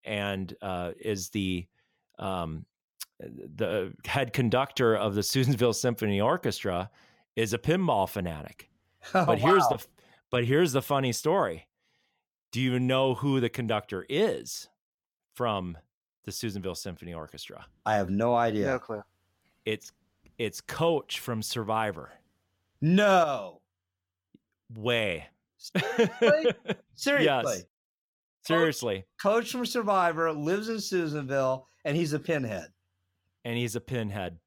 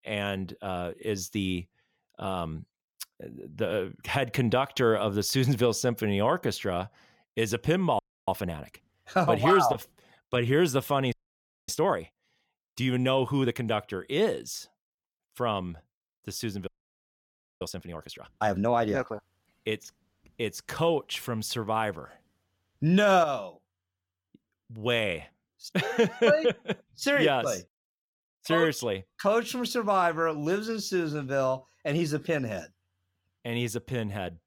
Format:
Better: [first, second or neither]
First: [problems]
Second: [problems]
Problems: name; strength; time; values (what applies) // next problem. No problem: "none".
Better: first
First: none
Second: audio freezing; at 8 s, at 11 s for 0.5 s and at 17 s for 1 s